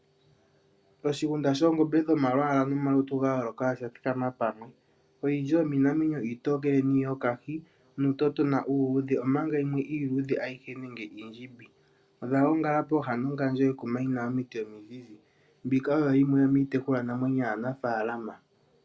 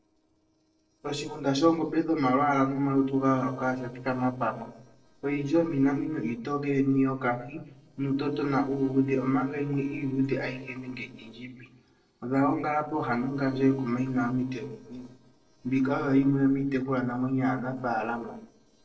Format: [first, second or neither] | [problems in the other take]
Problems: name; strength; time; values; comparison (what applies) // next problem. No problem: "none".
first | noise reduction (neural separator model SepFormer DNS4)